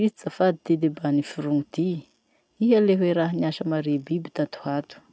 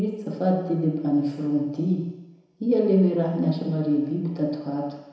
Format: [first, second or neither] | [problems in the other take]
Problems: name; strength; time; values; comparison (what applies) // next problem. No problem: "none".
first | room echo; dies away in 1 s